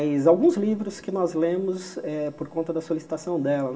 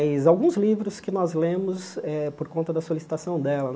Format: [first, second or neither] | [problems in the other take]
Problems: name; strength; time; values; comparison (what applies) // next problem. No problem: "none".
second | room echo; dies away in 1.5 s